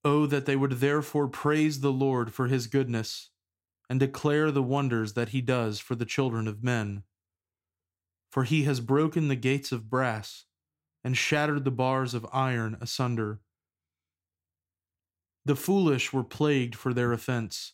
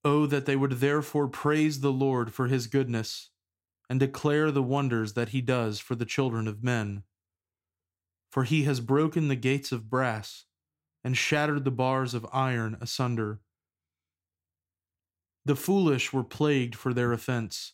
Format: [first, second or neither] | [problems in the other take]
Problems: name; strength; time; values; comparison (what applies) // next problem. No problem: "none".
neither | none